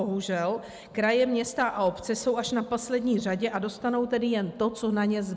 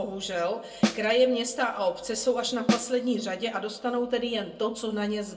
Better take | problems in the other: first | background sound (Snare drum); 1 dB above the speech // room echo; dies away in 0.2 s

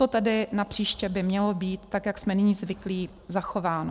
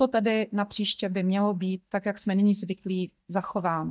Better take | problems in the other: first | noise reduction (neural mask model DeepFilterNet 3)

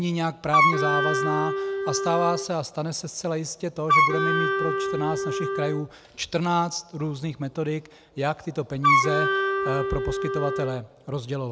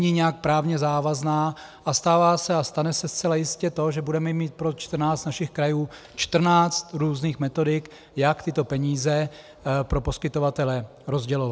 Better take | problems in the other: second | background sound (Wind instrument, woodwind instrument); 4 dB above the speech

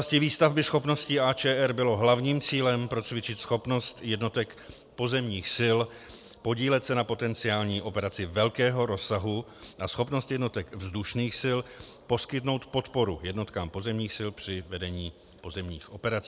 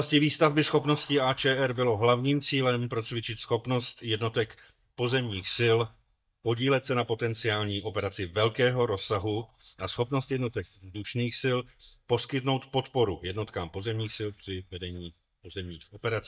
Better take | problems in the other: first | noise reduction (neural mask model DeepFilterNet 3)

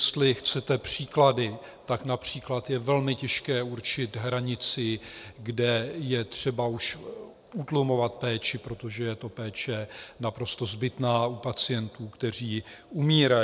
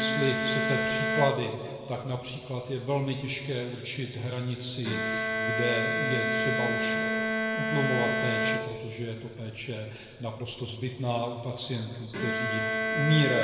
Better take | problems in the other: first | background sound (Bowed string instrument); as loud as the speech // room echo; dies away in 2.2 s

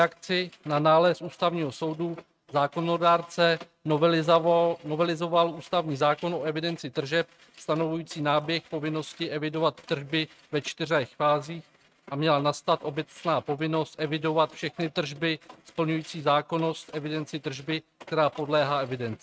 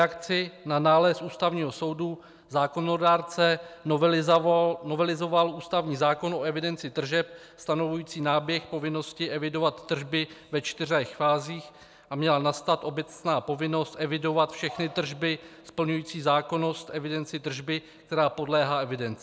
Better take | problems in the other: second | noise reduction (neural mask model RNNoise)

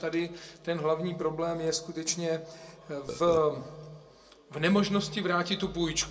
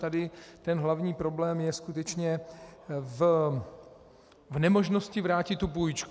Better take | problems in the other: second | background sound (Burping, eructation); 8 dB below the speech // room echo; dies away in 0.2 s

